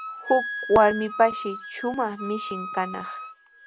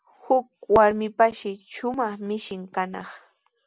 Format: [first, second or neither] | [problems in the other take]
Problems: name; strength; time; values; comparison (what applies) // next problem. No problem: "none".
second | background sound (Wind instrument, woodwind instrument); 10 dB below the speech